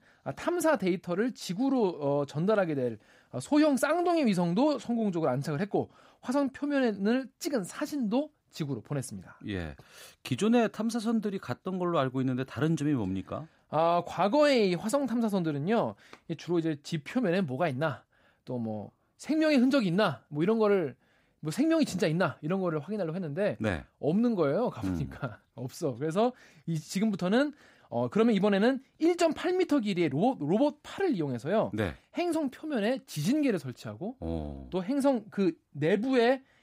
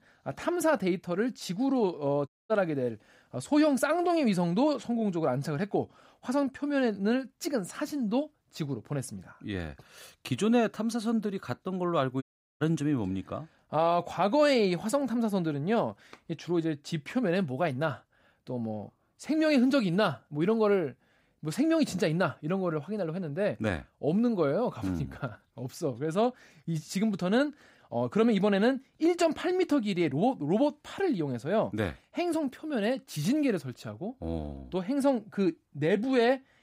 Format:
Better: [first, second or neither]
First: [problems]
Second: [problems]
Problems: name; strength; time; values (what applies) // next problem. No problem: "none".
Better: first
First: none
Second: audio cutting out; at 2.5 s and at 12 s